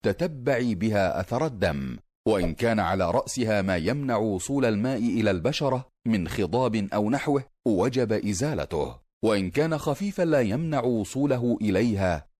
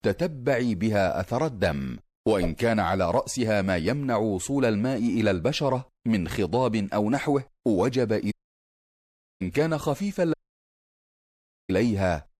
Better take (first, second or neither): first